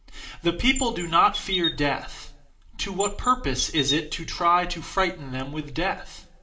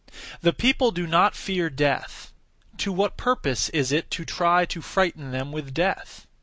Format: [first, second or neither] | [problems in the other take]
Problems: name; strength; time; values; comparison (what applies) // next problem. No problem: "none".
second | background sound (Chirp, tweet); 8 dB below the speech // room echo; dies away in 0.5 s